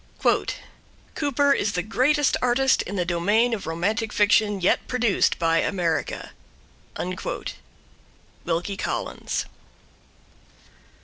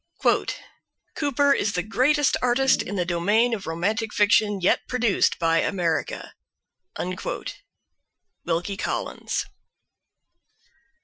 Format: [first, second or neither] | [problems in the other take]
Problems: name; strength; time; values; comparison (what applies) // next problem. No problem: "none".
first | noise reduction (classical method Wiener filter)